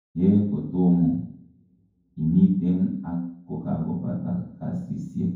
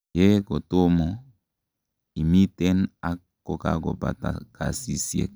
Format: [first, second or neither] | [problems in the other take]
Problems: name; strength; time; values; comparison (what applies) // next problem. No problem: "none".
second | room echo; dies away in 0.9 s